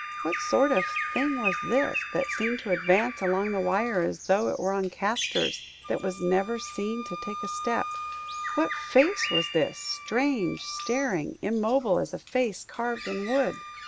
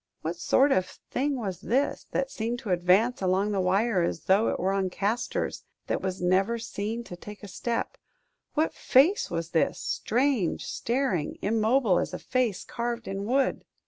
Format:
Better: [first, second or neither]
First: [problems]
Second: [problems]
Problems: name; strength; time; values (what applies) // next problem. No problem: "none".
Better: second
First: background sound (Wind instrument, woodwind instrument + Bird vocalization, bird call, bird song); 7 dB below the speech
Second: none